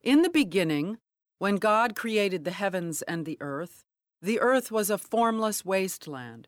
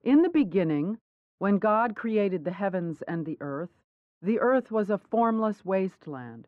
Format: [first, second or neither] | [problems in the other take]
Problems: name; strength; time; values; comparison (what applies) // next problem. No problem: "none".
first | muffled; very; fading above 1.5 kHz